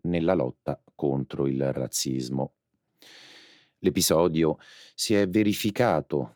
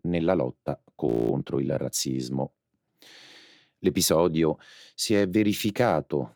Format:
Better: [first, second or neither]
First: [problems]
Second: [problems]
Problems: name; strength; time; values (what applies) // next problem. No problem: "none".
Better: first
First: none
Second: audio freezing; at 1 s